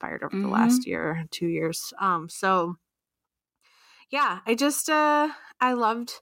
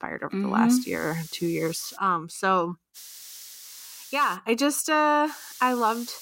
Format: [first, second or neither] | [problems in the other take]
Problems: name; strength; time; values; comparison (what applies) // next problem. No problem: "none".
first | hiss; noticeable; from 1 to 2 s, from 3 to 4.5 s and at 5.5 s; 15 dB below the speech